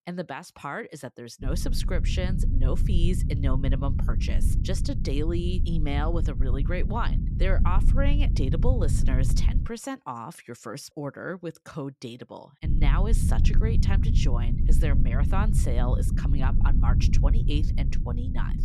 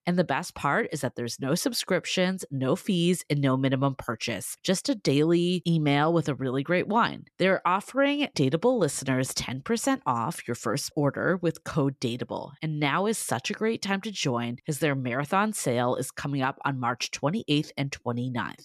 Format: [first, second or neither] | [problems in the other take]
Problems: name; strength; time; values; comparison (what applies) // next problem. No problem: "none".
second | low rumble; loud; from 1.5 to 9.5 s and from 13 s on; 6 dB below the speech